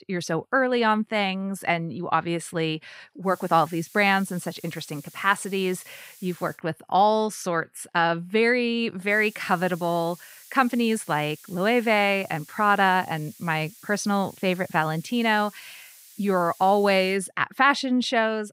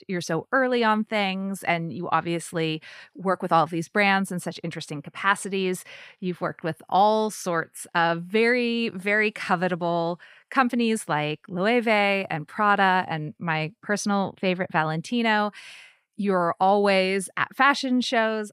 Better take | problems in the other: second | hiss; faint; from 3.5 to 6.5 s and from 9 to 17 s; 20 dB below the speech

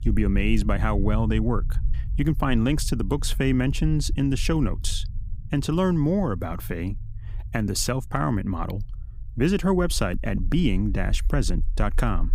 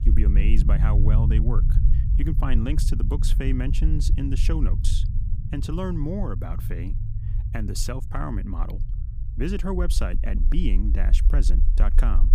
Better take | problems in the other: first | low rumble; loud; throughout; 8 dB below the speech; faint in the first

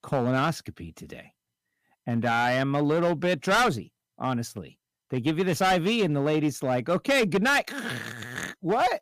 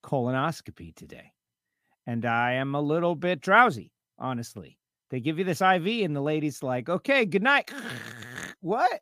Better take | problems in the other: second | distortion; heavy; 8% of the sound clipped

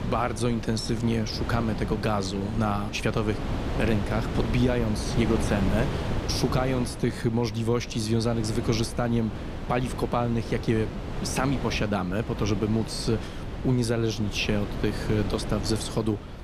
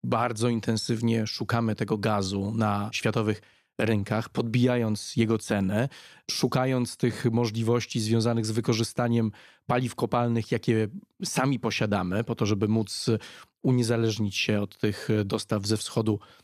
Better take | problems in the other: second | wind noise on the microphone; heavy; 7 dB below the speech

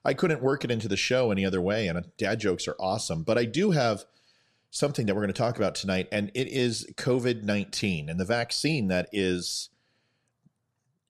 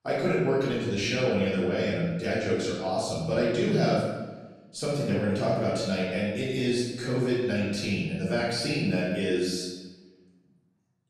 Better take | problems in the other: first | room echo; strong; dies away in 1 s // off-mic speech; far

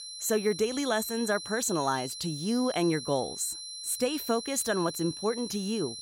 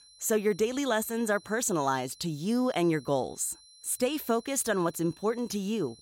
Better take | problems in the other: second | high-pitched whine; loud; throughout; 4 kHz, 8 dB below the speech; faint in the second

